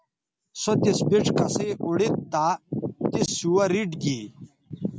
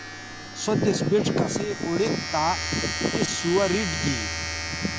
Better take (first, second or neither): first